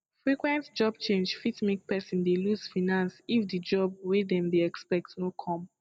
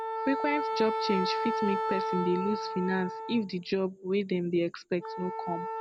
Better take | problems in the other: first | background sound (Wind instrument, woodwind instrument); 3 dB below the speech

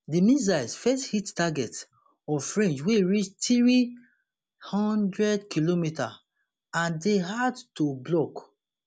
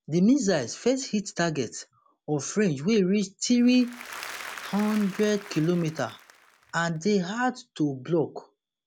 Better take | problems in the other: first | background sound (Applause / Crowd); 16 dB below the speech

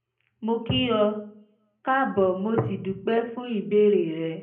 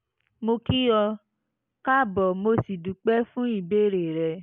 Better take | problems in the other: second | room echo; dies away in 0.4 s

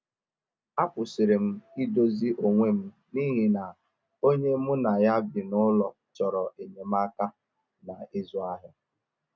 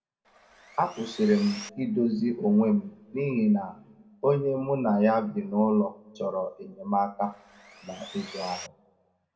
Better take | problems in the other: first | background sound (Sawing); 17 dB below the speech // room echo; dies away in 0.6 s

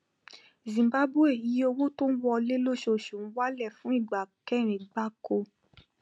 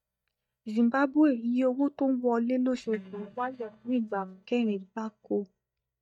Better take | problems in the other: first | noise reduction (neural mask model DeepFilterNet 3)

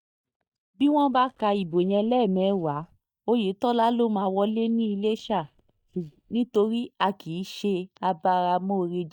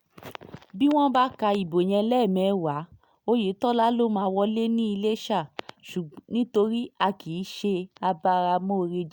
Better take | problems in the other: second | noise reduction (neural mask model DeepFilterNet 3)

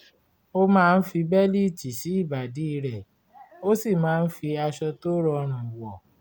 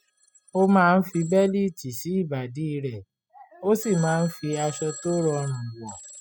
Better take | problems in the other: first | noise reduction (classical method spectral subtraction)

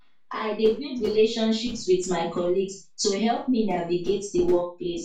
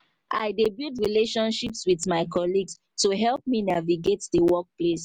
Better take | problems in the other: second | room echo; dies away in 0.3 s

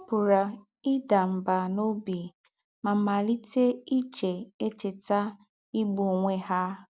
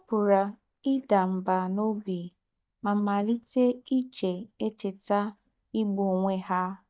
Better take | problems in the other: first | noise reduction (neural mask model DeepFilterNet 3)

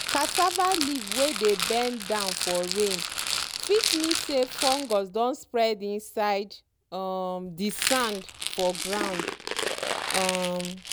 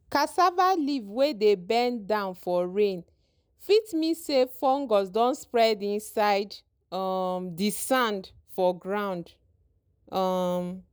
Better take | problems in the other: second | background sound (Rattle); 4 dB below the speech

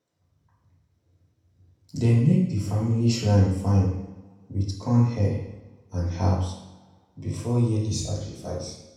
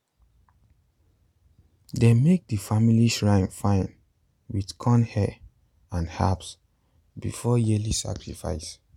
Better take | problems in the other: second | room echo; dies away in 0.9 s

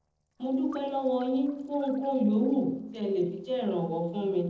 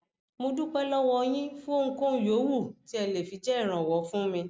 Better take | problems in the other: second | noise reduction (neural separator model SepFormer DNS4)

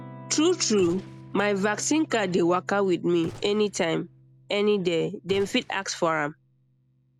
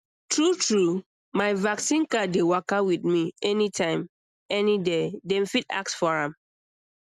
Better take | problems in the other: second | background sound (Gunshot, gunfire + Electric guitar / Strum); 20 dB below the speech

